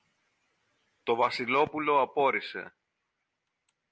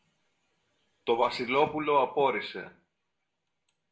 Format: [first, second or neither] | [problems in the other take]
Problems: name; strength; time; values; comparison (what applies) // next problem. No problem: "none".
first | room echo; dies away in 0.4 s